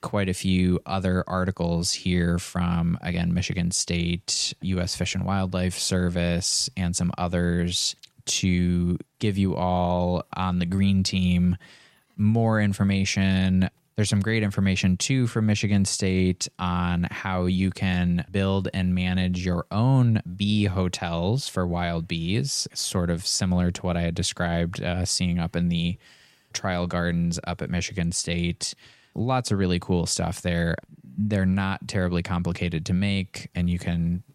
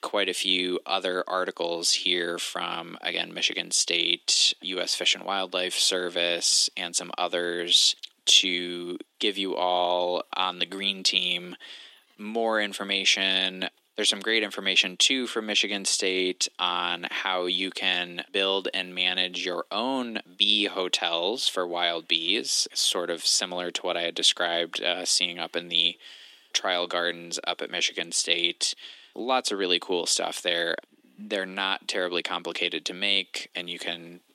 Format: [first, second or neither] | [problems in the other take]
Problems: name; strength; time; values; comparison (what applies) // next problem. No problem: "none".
first | thin; very; fading below 300 Hz